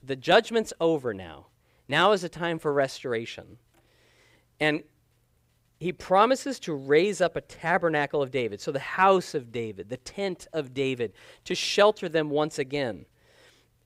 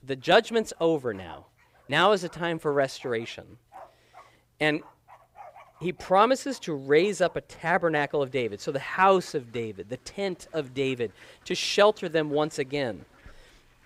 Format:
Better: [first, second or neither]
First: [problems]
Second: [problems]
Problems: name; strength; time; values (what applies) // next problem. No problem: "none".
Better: first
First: none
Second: animal sounds; faint; throughout; 25 dB below the speech